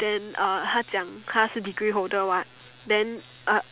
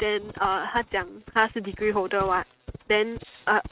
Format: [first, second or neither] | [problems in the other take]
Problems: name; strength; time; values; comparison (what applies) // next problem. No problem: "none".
first | noise reduction (neural mask model RNNoise)